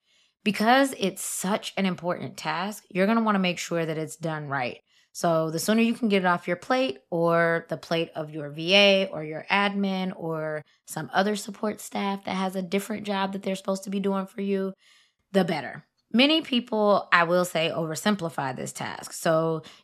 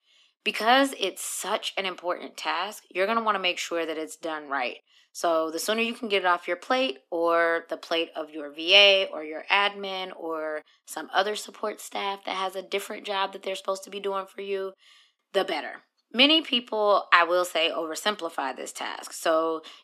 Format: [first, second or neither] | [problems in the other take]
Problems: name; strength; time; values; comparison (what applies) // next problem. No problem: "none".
first | thin; somewhat; fading below 250 Hz